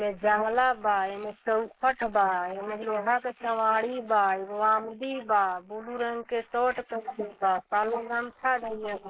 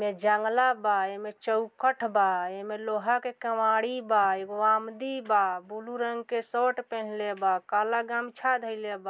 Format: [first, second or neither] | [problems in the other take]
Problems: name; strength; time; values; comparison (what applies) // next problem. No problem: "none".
second | noise reduction (neural mask model Resemble Enhance denoiser)